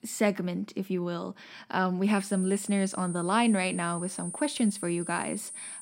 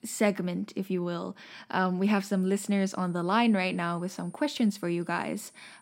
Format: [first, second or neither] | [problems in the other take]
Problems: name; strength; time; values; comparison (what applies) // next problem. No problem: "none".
second | high-pitched whine; loud; from 2 s on; 9.5 kHz, 10 dB below the speech; faint in the second